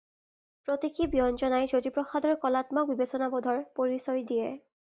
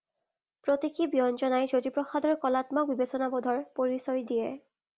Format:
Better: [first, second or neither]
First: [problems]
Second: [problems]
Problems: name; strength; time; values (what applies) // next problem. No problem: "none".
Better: second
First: noise reduction (neural mask model DeepFilterNet 3)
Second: none